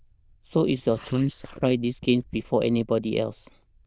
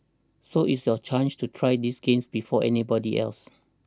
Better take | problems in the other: second | noise reduction (neural diffusion model UNIVERSE++)

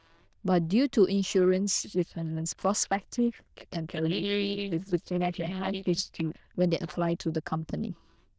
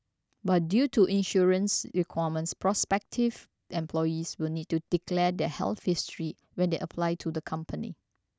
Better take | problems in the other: second | noise reduction (neural diffusion model UNIVERSE++)

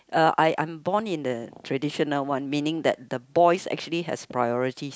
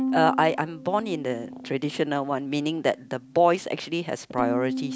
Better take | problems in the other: first | background sound (Bowed string instrument); 8 dB below the speech

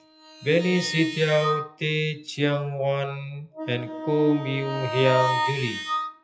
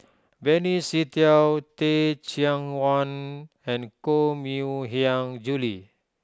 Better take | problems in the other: second | noise reduction (classical method WPE with log-MMSE)

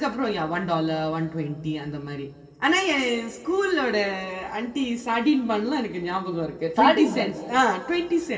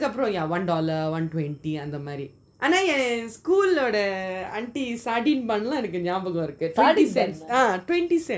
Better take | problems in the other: second | room echo; dies away in 2.7 s

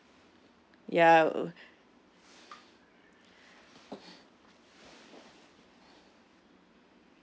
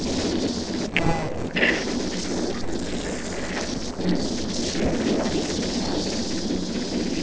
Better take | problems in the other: first | noise reduction (neural separator model SepFormer DNS4)

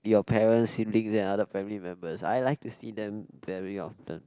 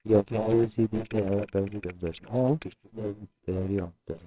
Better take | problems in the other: first | noise reduction (neural separator model SepFormer WHAMR!)

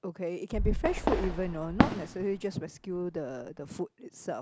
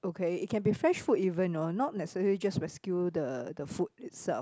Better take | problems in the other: second | background sound (Fireworks); 2 dB above the speech

